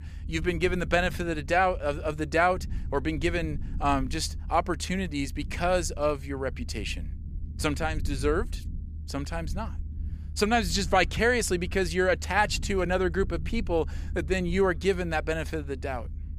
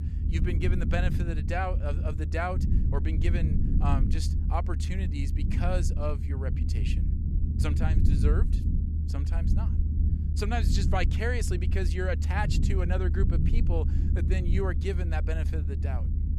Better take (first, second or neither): first